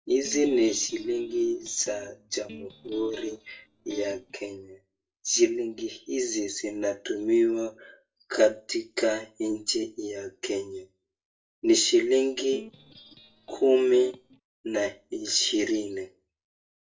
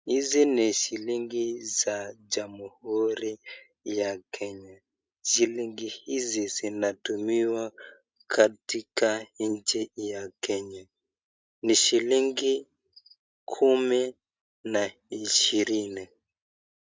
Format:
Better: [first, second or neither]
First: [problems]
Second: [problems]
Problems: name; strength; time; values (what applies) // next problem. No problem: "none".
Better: second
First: noise reduction (neural separator model SepFormer DNS4)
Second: none